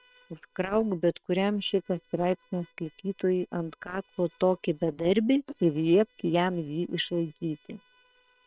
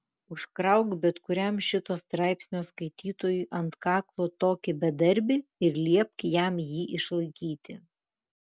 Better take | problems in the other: second | noise reduction (neural separator model SepFormer WHAM!)

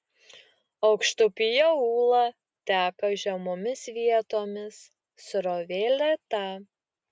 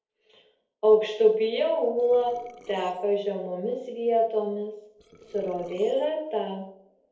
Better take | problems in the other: first | noise reduction (neural separator model SepFormer DNS4)

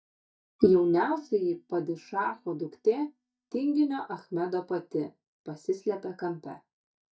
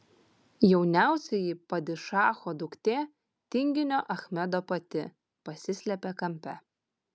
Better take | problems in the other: second | noise reduction (neural mask model DeepFilterNet 3)

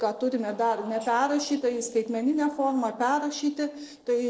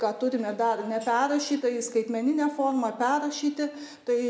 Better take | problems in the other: second | noise reduction (neural separator model SepFormer DNS4)

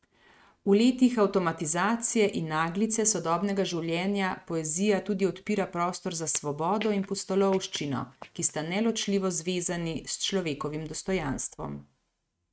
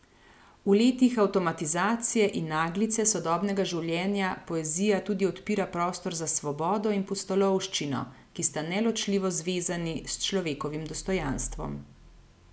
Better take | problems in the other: second | noise reduction (neural mask model RNNoise)

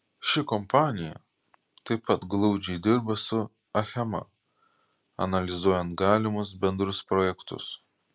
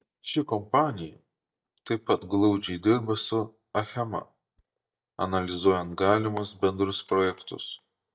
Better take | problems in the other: first | noise reduction (neural mask model DeepFilterNet 3)

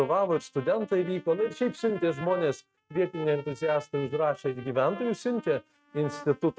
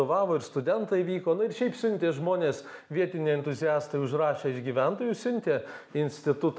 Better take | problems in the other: second | noise reduction (neural mask model RNNoise)

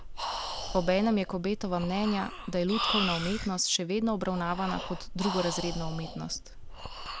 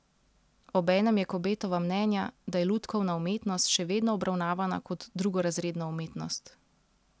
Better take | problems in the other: second | background sound (Breathing); 6 dB below the speech

